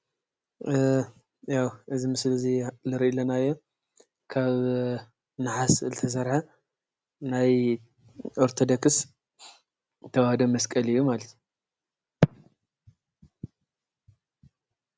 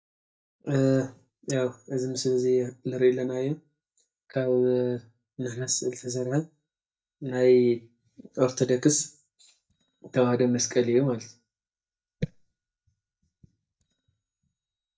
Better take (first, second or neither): first